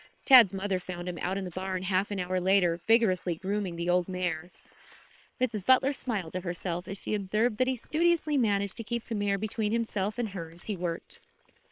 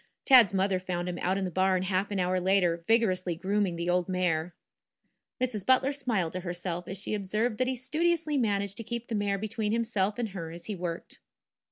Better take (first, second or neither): second